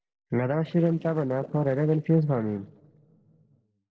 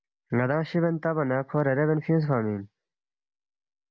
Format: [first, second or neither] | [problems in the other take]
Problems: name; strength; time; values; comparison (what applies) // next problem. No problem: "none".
second | noise reduction (neural separator model SepFormer DNS4)